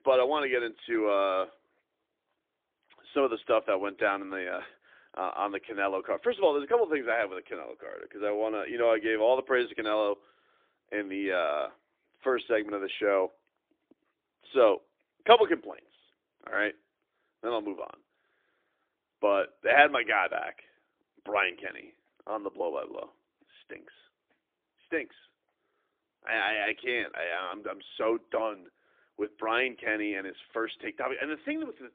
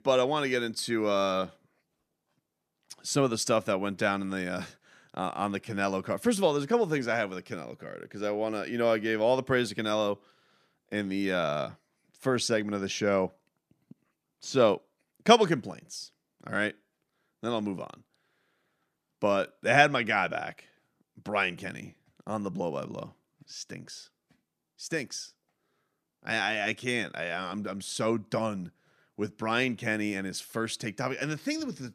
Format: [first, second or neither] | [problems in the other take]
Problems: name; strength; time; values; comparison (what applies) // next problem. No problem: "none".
second | phone-call audio; poor line; nothing above 3.5 kHz